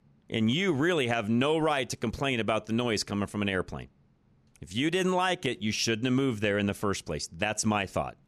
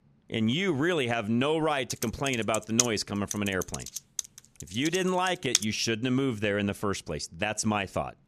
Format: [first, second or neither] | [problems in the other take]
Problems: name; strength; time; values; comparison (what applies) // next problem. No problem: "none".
first | keyboard typing; loud; from 2 to 5.5 s; peak 2 dB above the speech